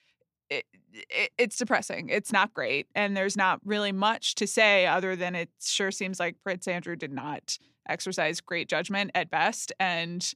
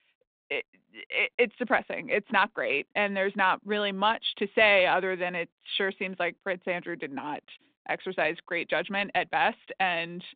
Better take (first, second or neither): first